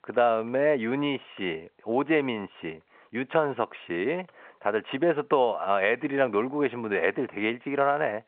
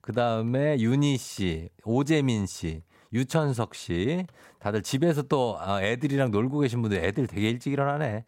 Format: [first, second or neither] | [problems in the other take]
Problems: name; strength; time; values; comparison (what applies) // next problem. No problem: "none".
second | phone-call audio